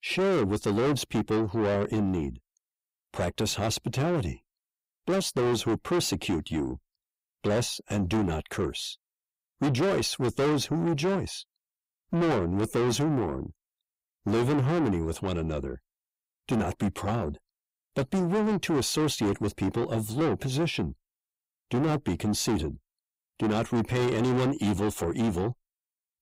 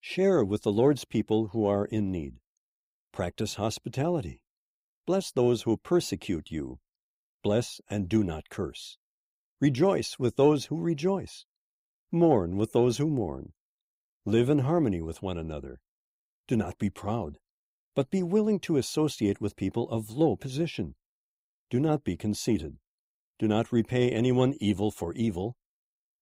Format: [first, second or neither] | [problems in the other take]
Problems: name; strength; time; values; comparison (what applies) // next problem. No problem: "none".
second | distortion; heavy; 6 dB below the speech